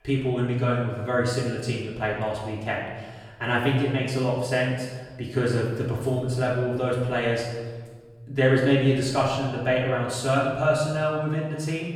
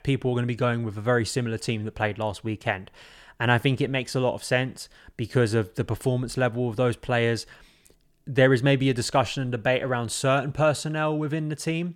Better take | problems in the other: second | off-mic speech; far // room echo; noticeable; dies away in 1.2 s

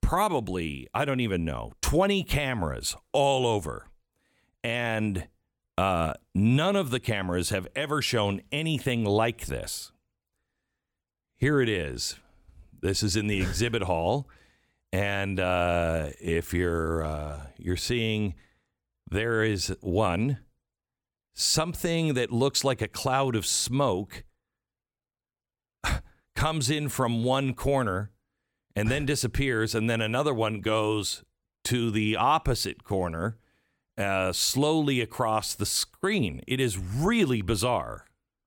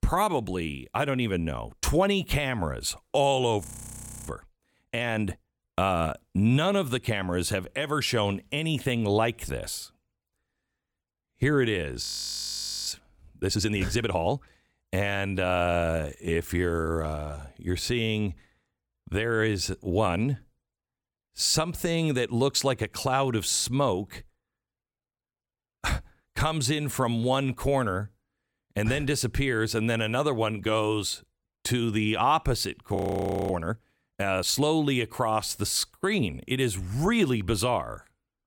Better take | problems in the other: first | audio freezing; at 3.5 s for 0.5 s, at 12 s for 1 s and at 33 s for 0.5 s

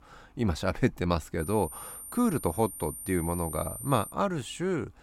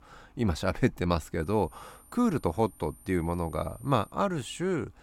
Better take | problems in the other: second | high-pitched whine; loud; from 1.5 to 4 s; 9 kHz, 9 dB below the speech; faint in the second

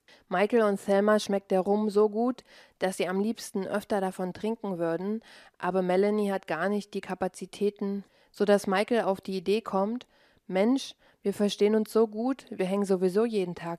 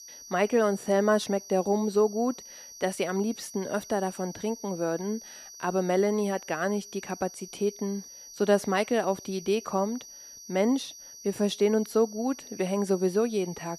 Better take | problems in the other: first | high-pitched whine; noticeable; throughout; 6 kHz, 15 dB below the speech

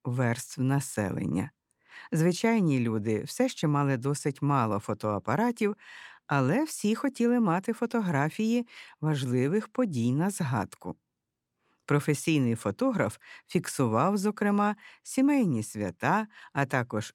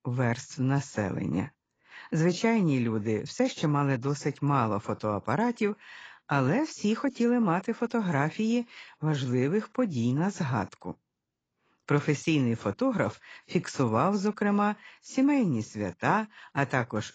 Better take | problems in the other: first | garbled, watery; badly; nothing above 7.5 kHz

